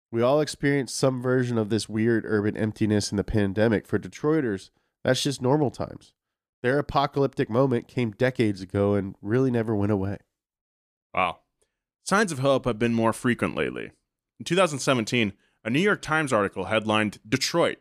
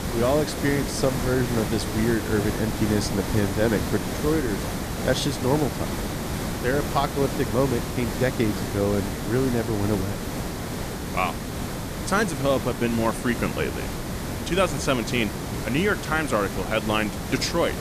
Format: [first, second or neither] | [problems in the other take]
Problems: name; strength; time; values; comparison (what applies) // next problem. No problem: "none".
first | hiss; loud; throughout; 4 dB below the speech